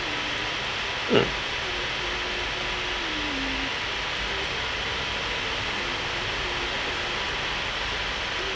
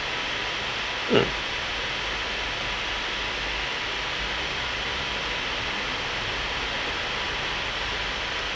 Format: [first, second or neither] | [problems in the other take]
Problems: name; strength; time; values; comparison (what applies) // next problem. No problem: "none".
second | background sound (Rain); 14 dB below the speech